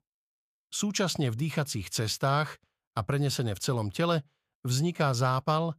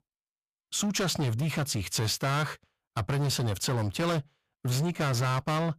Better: first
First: none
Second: distortion; heavy; 23% of the sound clipped

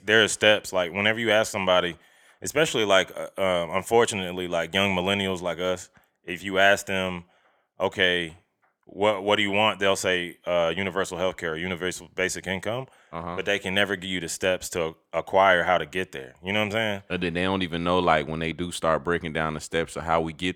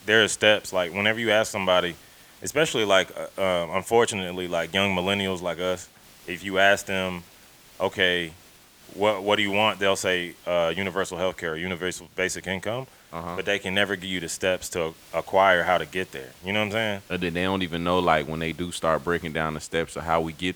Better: first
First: none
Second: hiss; faint; throughout; 25 dB below the speech

